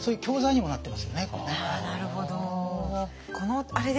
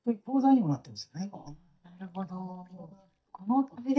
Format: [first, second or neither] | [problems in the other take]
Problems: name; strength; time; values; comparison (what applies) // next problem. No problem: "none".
first | noise reduction (neural mask model DeepFilterNet 3)